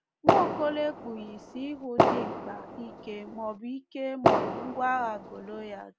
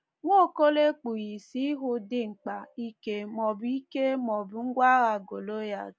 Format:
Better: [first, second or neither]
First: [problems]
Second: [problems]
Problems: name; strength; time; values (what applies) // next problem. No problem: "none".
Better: second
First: background sound (Fireworks); 4 dB above the speech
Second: none